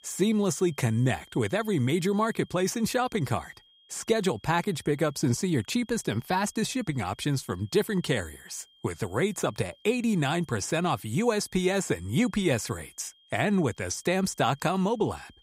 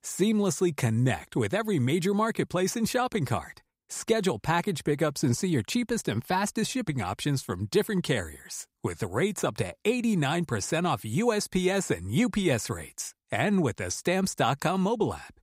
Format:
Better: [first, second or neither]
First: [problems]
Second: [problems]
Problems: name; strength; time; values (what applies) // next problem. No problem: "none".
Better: second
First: high-pitched whine; faint; throughout; 3 kHz, 30 dB below the speech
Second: none